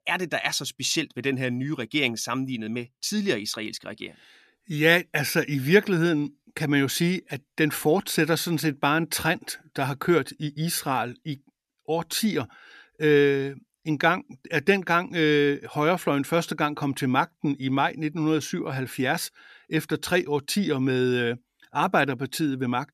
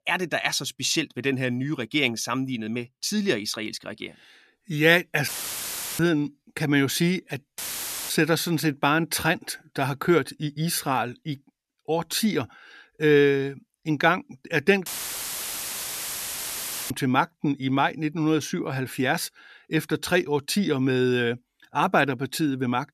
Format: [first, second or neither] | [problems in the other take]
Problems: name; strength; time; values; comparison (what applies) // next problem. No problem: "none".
first | audio cutting out; filled with static; at 5.5 s for 0.5 s, at 7.5 s for 0.5 s and at 15 s for 2 s